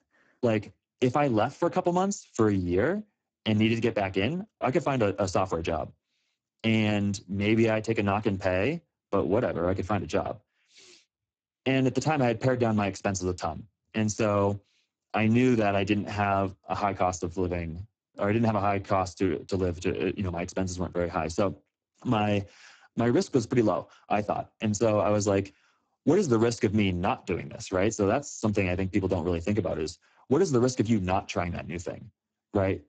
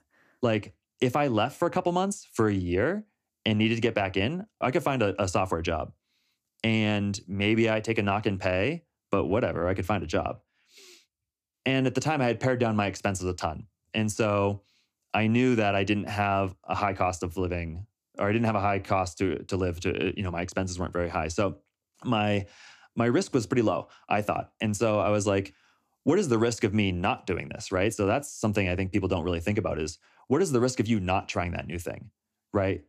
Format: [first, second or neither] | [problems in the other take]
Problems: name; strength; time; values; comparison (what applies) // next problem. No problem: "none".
second | garbled, watery; badly; nothing above 7.5 kHz